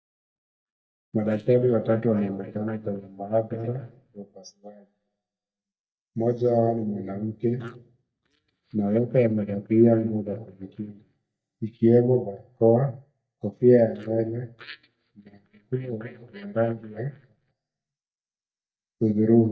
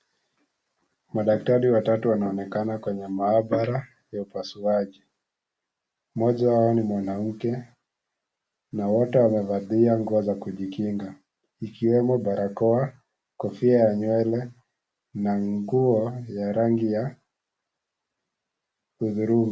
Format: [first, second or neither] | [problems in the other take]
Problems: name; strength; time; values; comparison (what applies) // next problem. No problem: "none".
second | noise reduction (neural mask model DeepFilterNet 3)